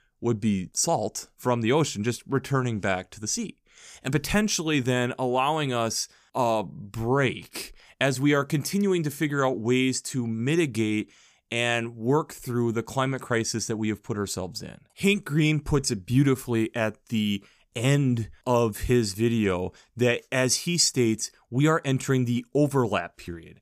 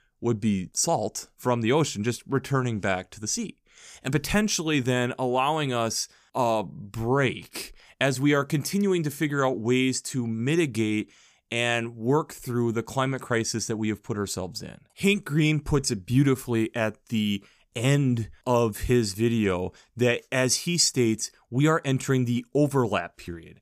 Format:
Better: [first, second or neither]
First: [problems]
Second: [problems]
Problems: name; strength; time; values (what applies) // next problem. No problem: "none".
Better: neither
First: none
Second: none